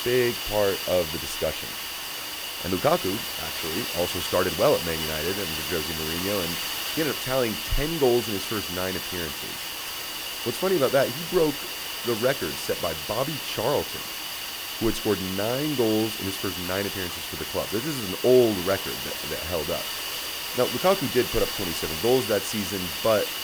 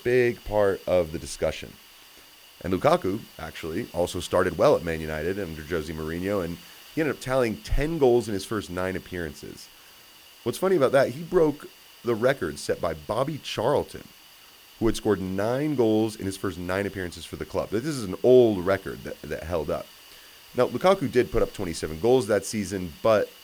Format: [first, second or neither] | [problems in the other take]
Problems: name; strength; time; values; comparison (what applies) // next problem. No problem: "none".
second | hiss; loud; throughout; 2 dB below the speech; faint in the second